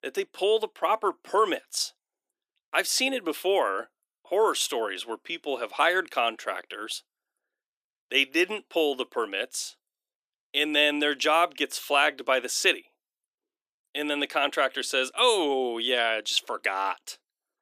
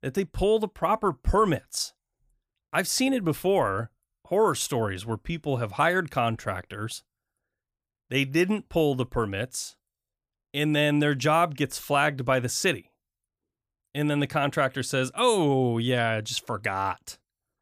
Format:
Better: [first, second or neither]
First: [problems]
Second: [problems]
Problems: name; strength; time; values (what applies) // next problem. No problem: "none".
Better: second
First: thin; somewhat; fading below 300 Hz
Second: none